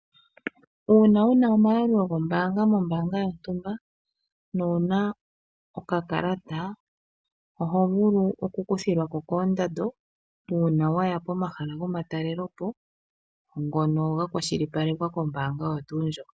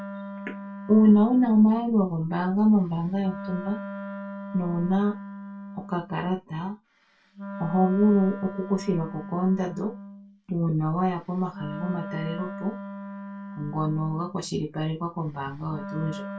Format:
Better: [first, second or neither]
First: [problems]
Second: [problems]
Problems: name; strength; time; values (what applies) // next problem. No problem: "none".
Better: first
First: none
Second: background sound (Wind instrument, woodwind instrument); 13 dB below the speech // room echo; dies away in 0.2 s